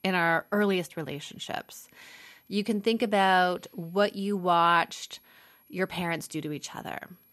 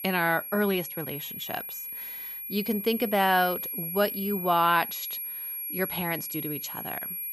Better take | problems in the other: first | high-pitched whine; loud; throughout; 11.5 kHz, 5 dB below the speech; faint in the first

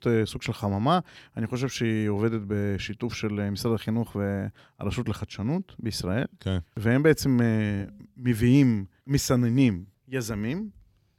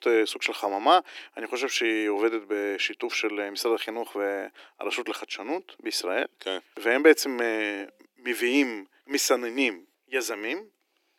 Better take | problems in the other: first | thin; very; fading below 300 Hz

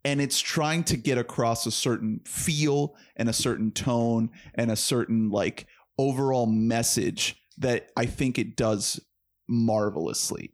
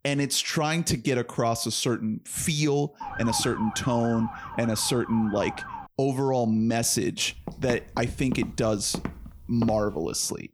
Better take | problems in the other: first | siren; noticeable; from 3 to 6 s; peak 7 dB below the speech // footsteps; noticeable; from 7.5 to 10 s; peak 8 dB below the speech

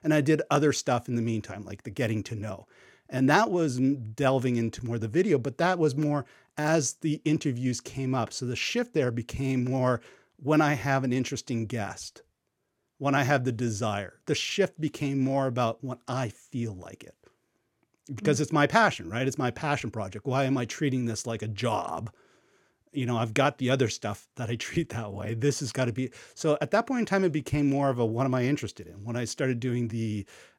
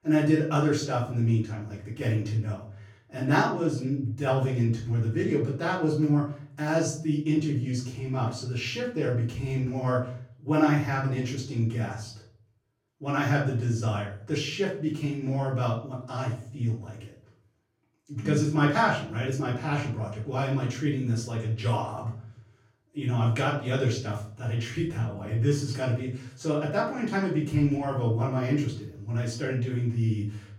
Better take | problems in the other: first | room echo; noticeable; dies away in 0.5 s // off-mic speech; far

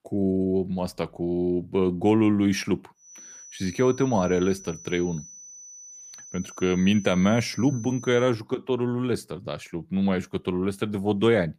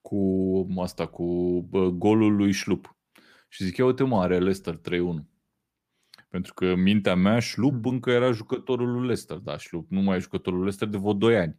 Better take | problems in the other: second | high-pitched whine; noticeable; from 3 to 8.5 s; 6 kHz, 15 dB below the speech

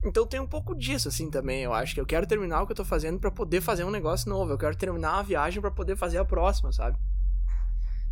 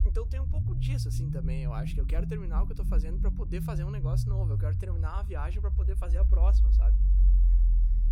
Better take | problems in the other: first | low rumble; loud; throughout; 2 dB below the speech; faint in the first

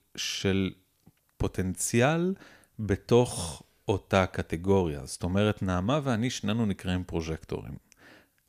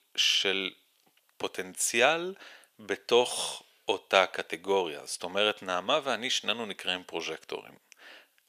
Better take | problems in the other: first | thin; very; fading below 550 Hz

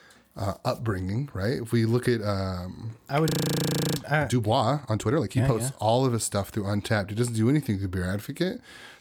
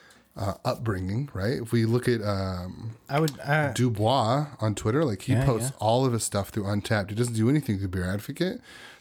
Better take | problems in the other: second | audio freezing; at 3.5 s for 0.5 s

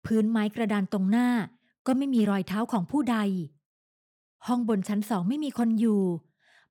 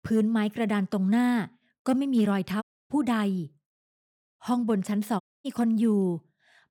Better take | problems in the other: first | audio cutting out; at 2.5 s and at 5 s

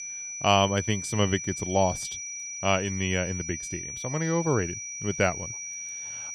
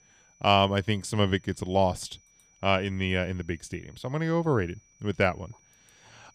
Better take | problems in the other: second | high-pitched whine; loud; throughout; 6 kHz, 6 dB below the speech; faint in the second

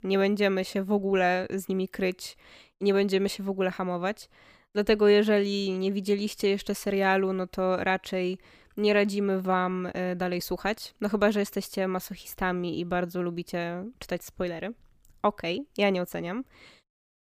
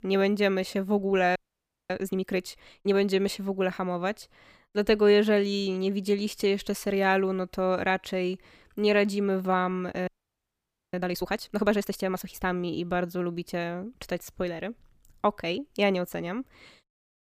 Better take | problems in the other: first | audio freezing; at 1.5 s for 0.5 s and at 10 s for 1 s

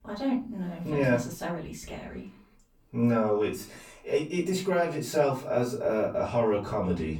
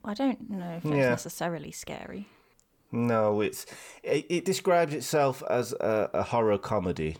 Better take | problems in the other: second | off-mic speech; far // room echo; slight; dies away in 0.3 s

